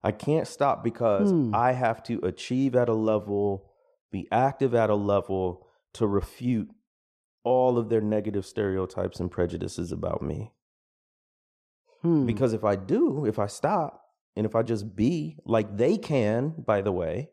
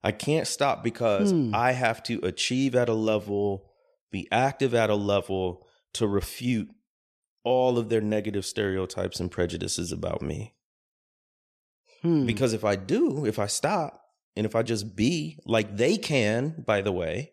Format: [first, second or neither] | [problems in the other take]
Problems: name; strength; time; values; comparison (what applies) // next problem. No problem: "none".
second | muffled; slightly; fading above 1.5 kHz